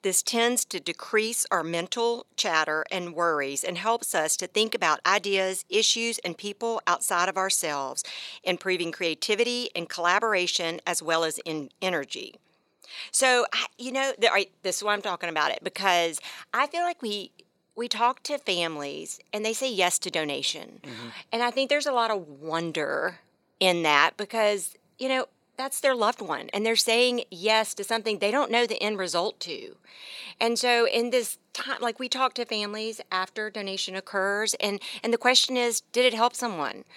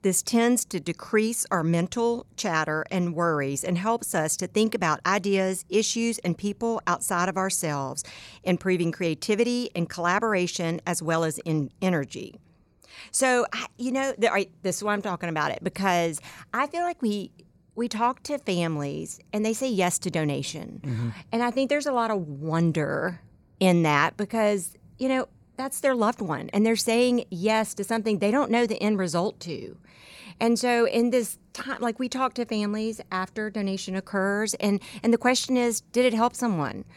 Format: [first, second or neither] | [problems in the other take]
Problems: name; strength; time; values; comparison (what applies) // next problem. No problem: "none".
second | thin; somewhat; fading below 400 Hz